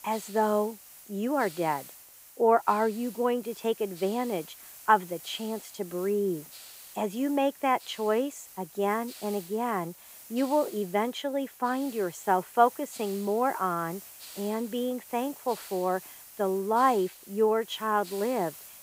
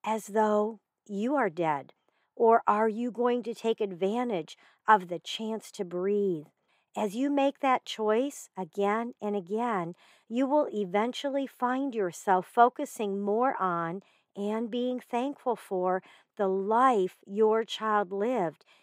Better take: second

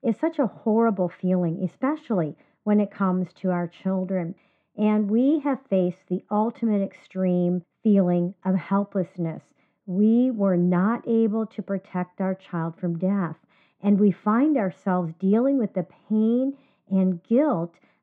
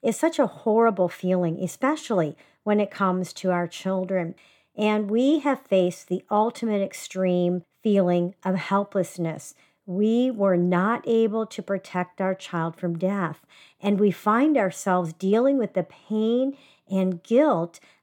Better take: second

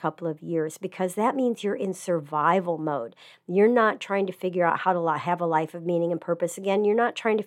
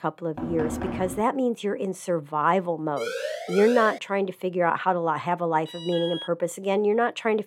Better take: first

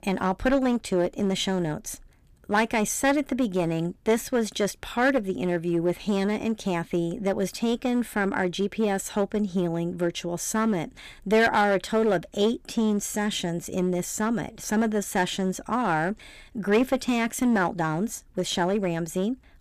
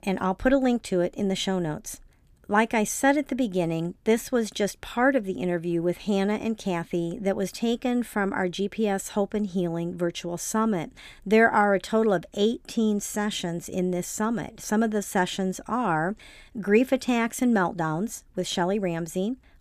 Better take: second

